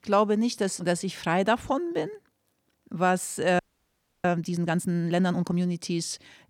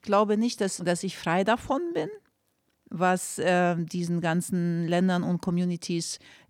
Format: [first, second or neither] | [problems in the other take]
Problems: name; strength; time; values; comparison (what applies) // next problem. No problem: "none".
second | audio freezing; at 3.5 s for 0.5 s